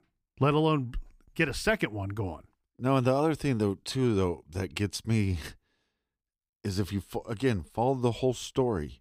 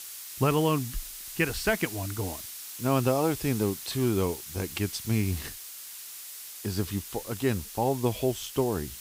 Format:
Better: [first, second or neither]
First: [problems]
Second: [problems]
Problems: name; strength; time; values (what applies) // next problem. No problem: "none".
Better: first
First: none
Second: hiss; loud; throughout; 9 dB below the speech